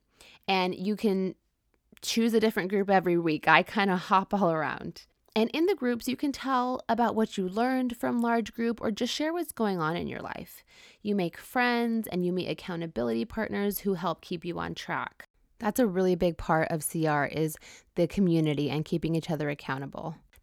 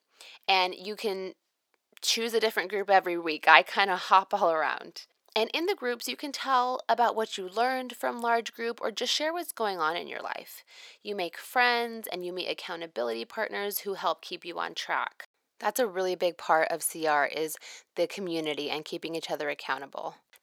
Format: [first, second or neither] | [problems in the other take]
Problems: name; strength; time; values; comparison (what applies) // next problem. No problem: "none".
first | thin; very; fading below 600 Hz